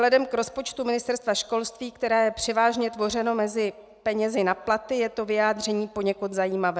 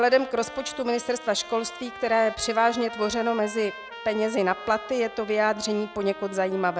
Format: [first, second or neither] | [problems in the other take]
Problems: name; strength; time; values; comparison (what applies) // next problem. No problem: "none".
first | background sound (Trumpet); 15 dB below the speech